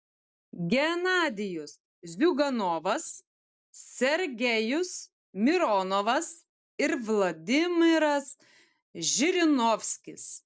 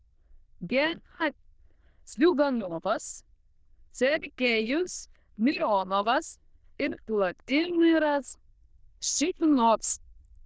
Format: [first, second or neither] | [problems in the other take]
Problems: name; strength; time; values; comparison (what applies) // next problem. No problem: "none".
first | noise reduction (neural diffusion model UNIVERSE++)